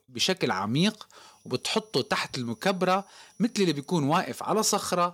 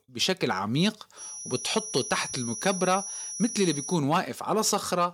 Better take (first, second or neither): first